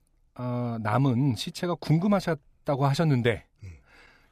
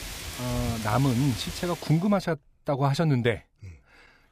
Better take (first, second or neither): first